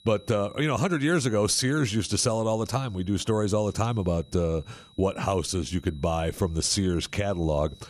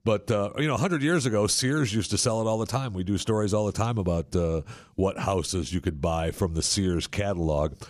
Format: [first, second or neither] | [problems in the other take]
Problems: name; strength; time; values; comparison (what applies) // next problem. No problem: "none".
second | high-pitched whine; faint; throughout; 4 kHz, 30 dB below the speech